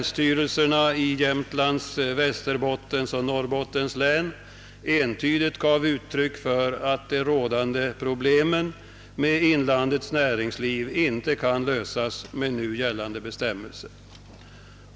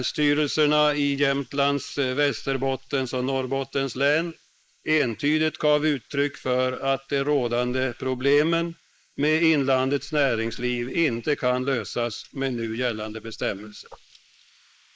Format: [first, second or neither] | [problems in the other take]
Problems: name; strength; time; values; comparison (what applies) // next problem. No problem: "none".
first | noise reduction (neural mask model Resemble Enhance denoiser)